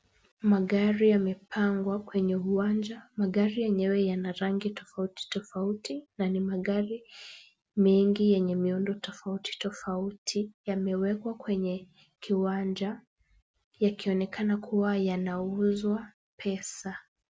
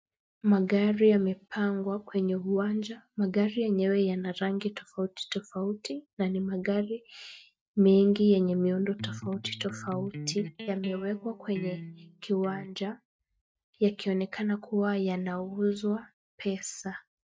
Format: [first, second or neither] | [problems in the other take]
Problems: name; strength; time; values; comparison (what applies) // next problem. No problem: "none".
first | noise reduction (neural mask model DeepFilterNet 3)